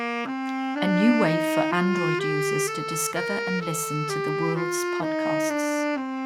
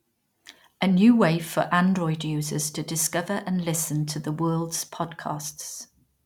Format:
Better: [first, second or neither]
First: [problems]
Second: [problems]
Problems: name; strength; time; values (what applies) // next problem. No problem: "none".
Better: second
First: background sound (Wind instrument, woodwind instrument); 2 dB above the speech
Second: none